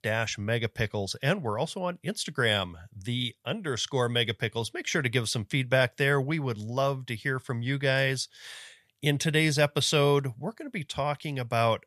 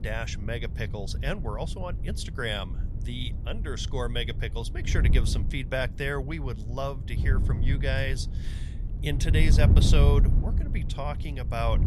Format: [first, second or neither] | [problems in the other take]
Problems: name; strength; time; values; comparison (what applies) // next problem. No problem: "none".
first | wind noise on the microphone; heavy; 10 dB below the speech